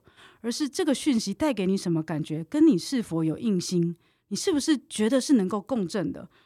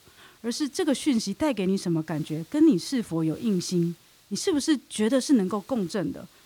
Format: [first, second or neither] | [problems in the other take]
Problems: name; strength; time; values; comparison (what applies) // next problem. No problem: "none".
first | hiss; faint; throughout; 25 dB below the speech